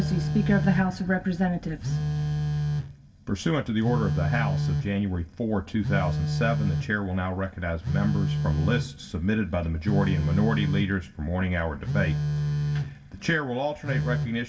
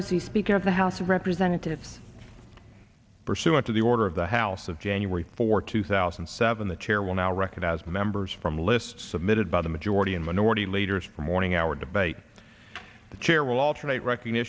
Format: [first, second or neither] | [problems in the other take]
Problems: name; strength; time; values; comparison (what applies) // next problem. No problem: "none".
second | background sound (Telephone); 1 dB below the speech // room echo; dies away in 0.2 s